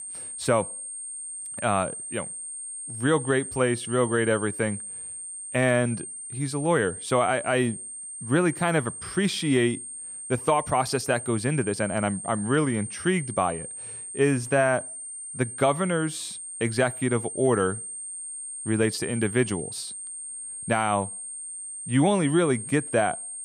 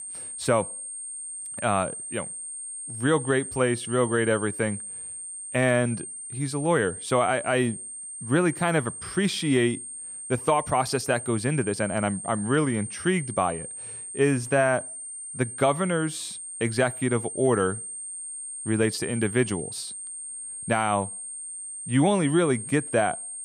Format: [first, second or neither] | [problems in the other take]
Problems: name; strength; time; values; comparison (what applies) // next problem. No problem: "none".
neither | high-pitched whine; loud; throughout; 8.5 kHz, 9 dB below the speech; the same in both